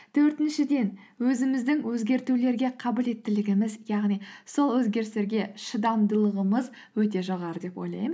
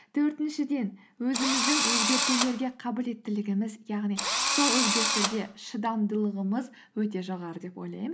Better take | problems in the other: first | background sound (Engine / Drill); 3 dB above the speech

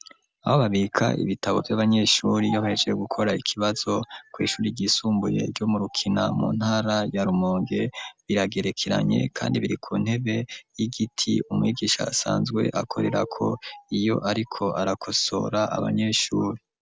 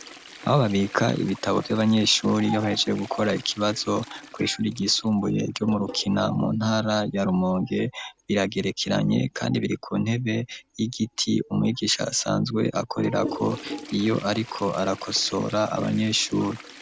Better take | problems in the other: first | background sound (Toilet flush); 18 dB below the speech

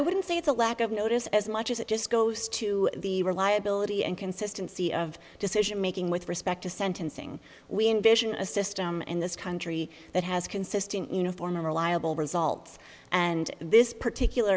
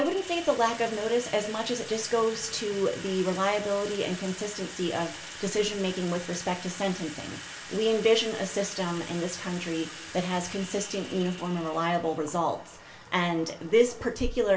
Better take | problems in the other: first | background sound (Sink (filling or washing) / Water tap, faucet); 14 dB below the speech // room echo; dies away in 0.3 s

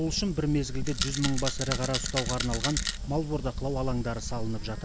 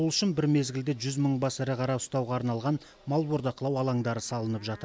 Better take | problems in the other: second | background sound (Rattle + Fire); 2 dB below the speech

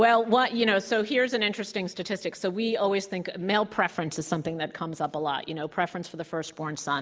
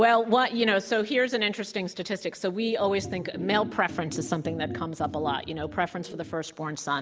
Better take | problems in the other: first | background sound (Organ); 11 dB below the speech

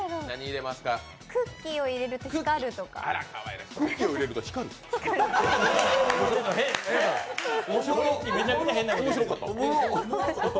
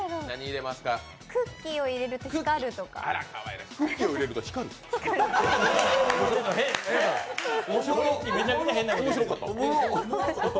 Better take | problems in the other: second | background sound (Walk, footsteps); 15 dB below the speech

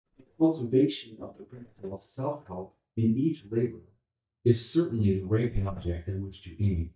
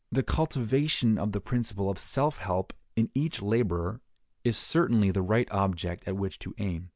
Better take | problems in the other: second | noise reduction (neural mask model DeepFilterNet 3)

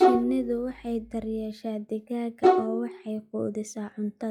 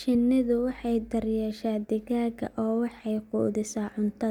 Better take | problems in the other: second | noise reduction (classical method log-MMSE)

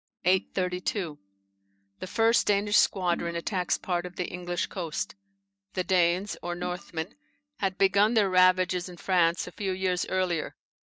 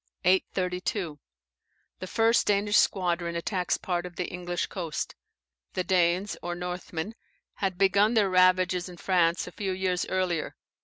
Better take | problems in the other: second | noise reduction (neural mask model DeepFilterNet 3)

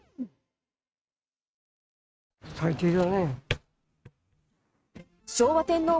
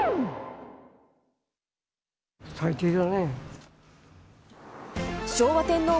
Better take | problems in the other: second | noise reduction (neural mask model RNNoise)

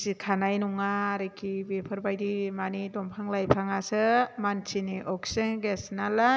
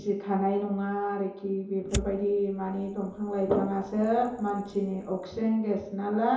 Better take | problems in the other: first | background sound (Fire); 13 dB below the speech // room echo; dies away in 2.8 s

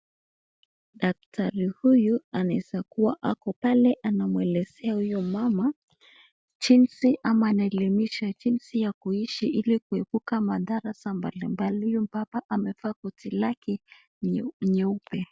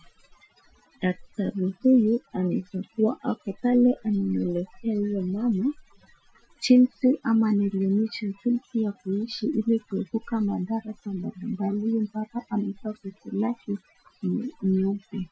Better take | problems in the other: first | noise reduction (classical method Wiener filter)

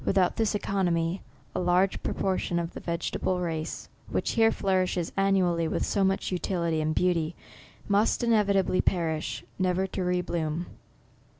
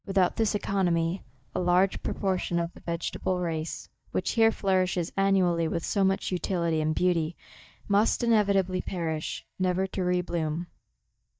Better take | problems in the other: first | noise reduction (neural mask model DeepFilterNet 3)

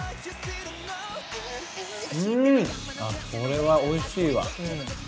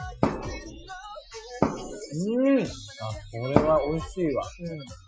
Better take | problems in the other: first | noise reduction (classical method Wiener filter)

